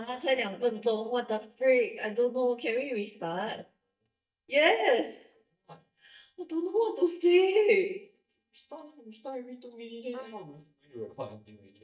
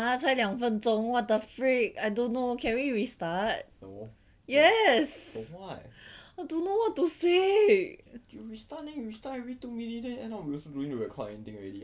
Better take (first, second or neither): second